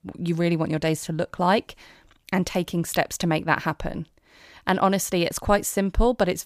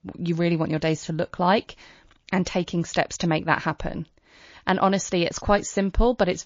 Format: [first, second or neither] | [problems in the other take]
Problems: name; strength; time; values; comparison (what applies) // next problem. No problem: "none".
first | garbled, watery; slightly